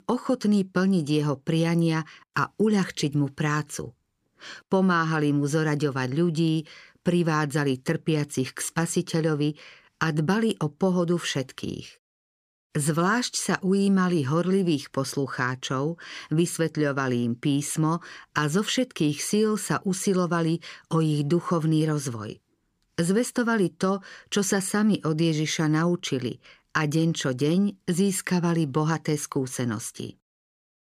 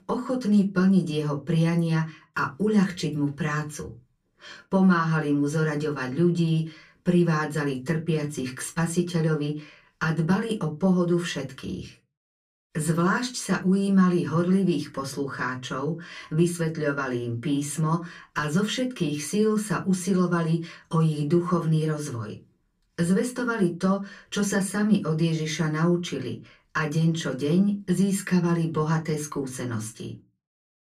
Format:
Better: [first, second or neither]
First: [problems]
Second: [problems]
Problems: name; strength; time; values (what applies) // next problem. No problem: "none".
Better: first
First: none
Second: off-mic speech; far // room echo; very slight; dies away in 0.2 s